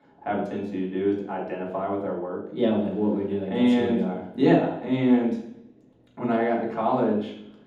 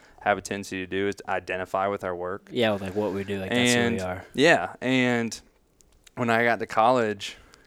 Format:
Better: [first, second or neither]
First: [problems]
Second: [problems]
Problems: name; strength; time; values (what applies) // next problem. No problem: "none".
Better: second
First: room echo; strong; dies away in 0.9 s // off-mic speech; far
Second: none